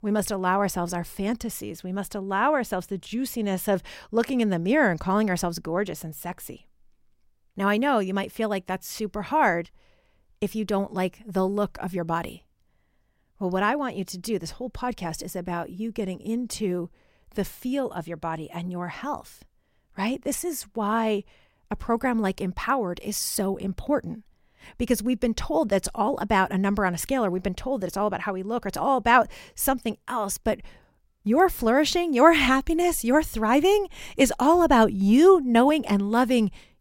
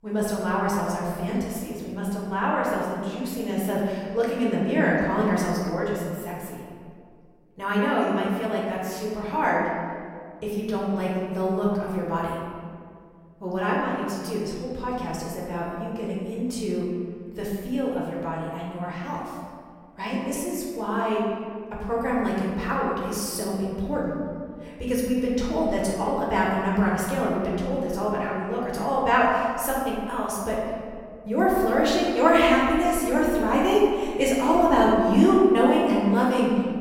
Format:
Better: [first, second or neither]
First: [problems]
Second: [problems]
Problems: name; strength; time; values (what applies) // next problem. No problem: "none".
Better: first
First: none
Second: off-mic speech; far // room echo; noticeable; dies away in 1.8 s